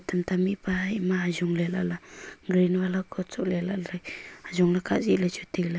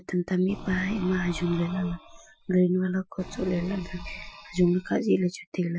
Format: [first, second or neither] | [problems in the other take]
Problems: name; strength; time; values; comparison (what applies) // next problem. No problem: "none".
first | noise reduction (classical method Wiener filter)